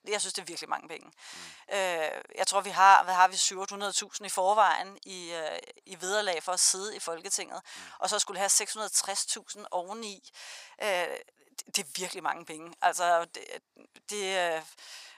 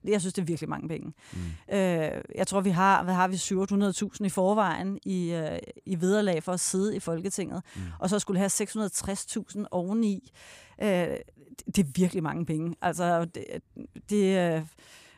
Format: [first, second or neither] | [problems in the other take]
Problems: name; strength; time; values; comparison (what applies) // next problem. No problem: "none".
second | thin; very; fading below 850 Hz